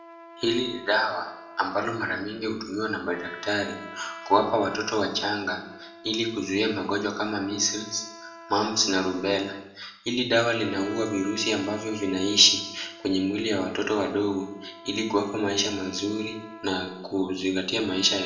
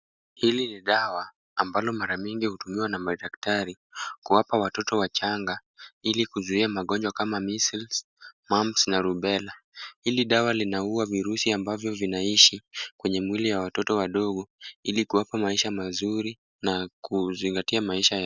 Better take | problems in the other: second | background sound (Trumpet); 18 dB below the speech // room echo; dies away in 0.7 s

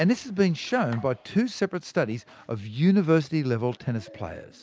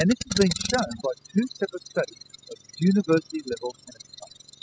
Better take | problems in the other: first | noise reduction (classical method spectral subtraction)

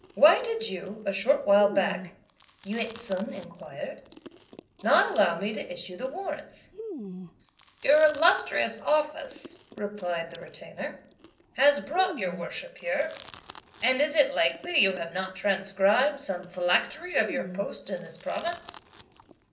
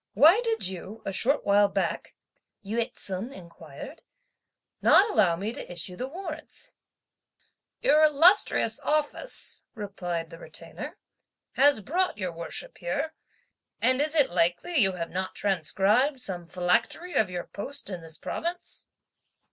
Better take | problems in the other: second | background sound (Chewing, mastication); 17 dB below the speech // room echo; dies away in 0.5 s

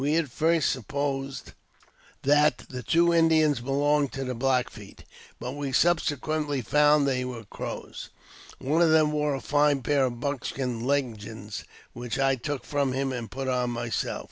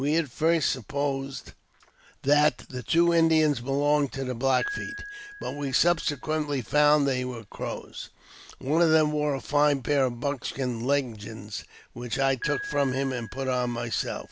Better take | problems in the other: first | background sound (Piano); 18 dB below the speech

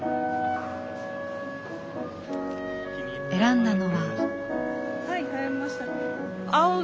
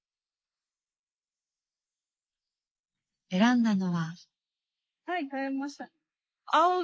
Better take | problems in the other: first | noise reduction (neural mask model Resemble Enhance denoiser)

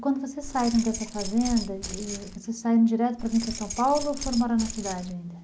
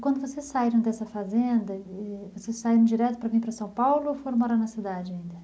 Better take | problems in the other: second | background sound (Keys jangling); 9 dB below the speech

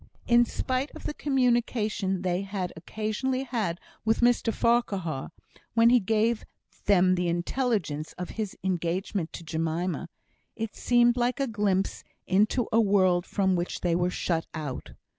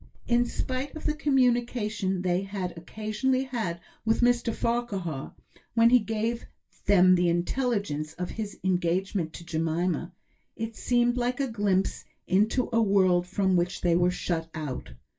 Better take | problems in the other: first | room echo; dies away in 0.2 s

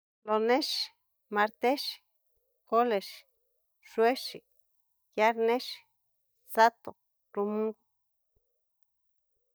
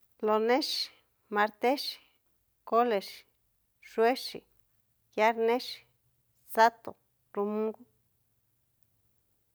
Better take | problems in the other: second | noise reduction (neural mask model DeepFilterNet 3)

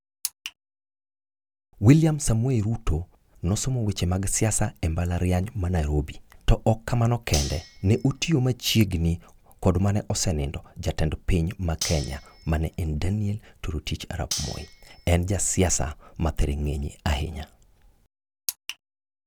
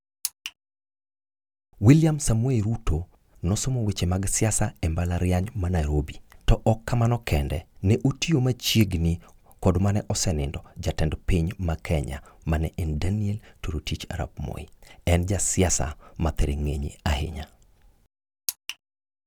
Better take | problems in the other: second | background sound (Cutlery, silverware); 12 dB below the speech

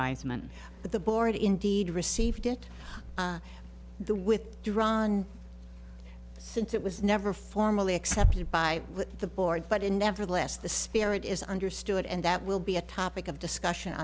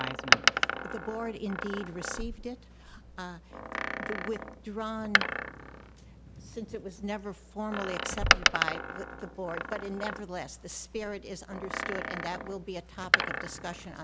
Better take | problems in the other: first | background sound (Door); 5 dB above the speech

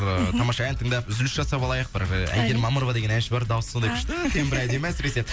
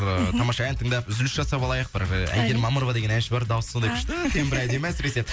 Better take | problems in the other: second | background sound (Church bell); 19 dB below the speech

